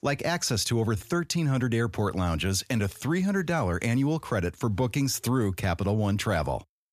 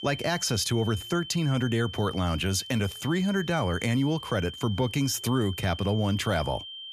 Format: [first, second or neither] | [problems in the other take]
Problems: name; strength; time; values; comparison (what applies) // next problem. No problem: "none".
first | high-pitched whine; noticeable; throughout; 3 kHz, 10 dB below the speech